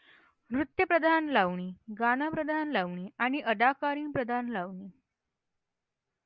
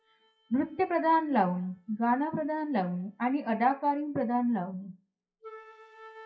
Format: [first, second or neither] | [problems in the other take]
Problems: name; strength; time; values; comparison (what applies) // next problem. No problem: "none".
first | noise reduction (classical method WPE with log-MMSE)